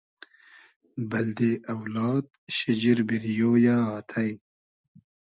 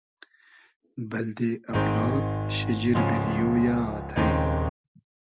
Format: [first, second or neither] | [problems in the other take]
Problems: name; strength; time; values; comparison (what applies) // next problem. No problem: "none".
first | background sound (Piano); 3 dB above the speech